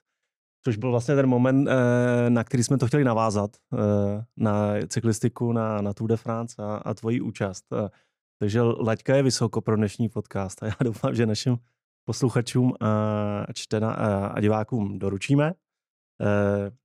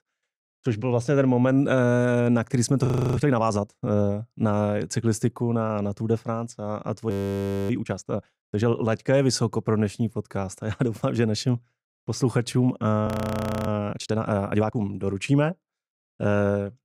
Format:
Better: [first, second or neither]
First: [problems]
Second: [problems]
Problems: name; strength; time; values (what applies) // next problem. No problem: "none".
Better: first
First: none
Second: audio freezing; at 3 s, at 7 s for 0.5 s and at 13 s for 0.5 s